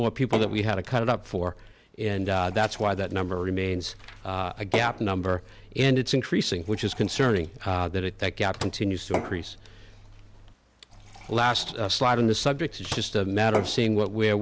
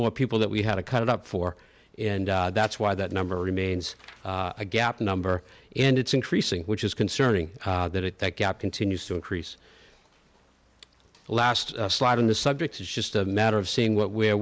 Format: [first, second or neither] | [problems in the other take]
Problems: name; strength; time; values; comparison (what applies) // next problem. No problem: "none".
second | background sound (Fill (with liquid) / Glass / Water + Microwave oven); 13 dB below the speech